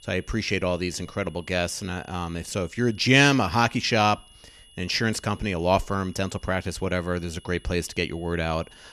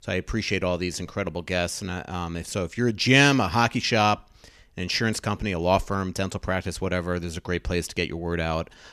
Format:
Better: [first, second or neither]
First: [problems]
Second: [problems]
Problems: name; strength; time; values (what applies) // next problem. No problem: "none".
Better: second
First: high-pitched whine; faint; throughout; 3 kHz, 25 dB below the speech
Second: none